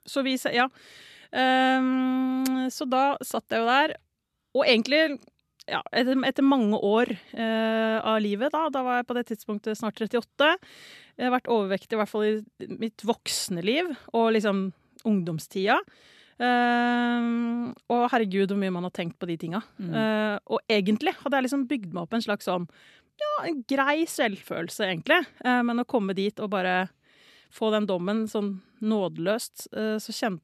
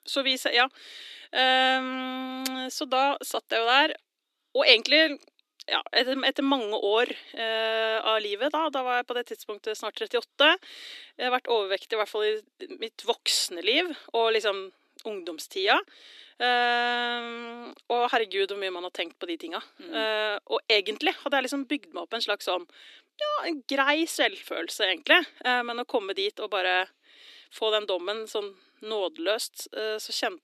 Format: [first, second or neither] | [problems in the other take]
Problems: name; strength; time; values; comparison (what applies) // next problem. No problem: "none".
first | thin; somewhat; fading below 300 Hz